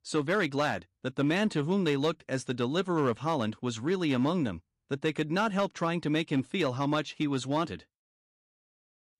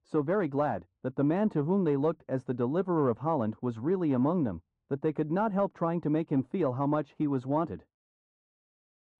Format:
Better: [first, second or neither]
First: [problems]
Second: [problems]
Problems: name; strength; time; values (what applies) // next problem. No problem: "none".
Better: first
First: none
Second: muffled; very; fading above 1.5 kHz